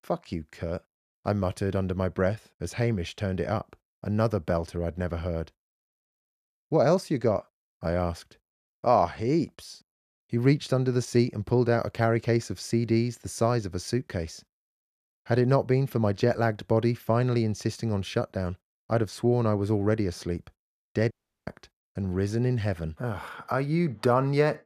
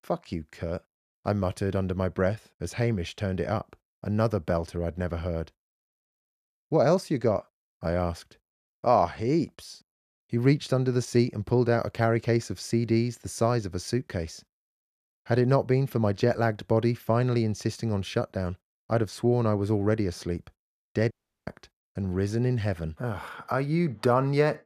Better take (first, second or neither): neither